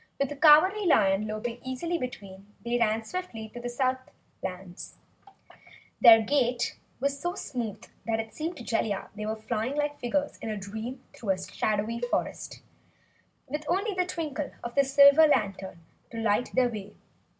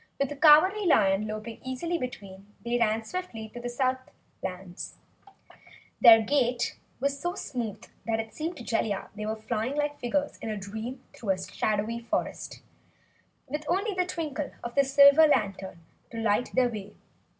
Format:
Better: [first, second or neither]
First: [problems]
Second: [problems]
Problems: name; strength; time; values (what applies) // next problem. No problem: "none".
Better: second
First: background sound (Cowbell); 13 dB below the speech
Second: none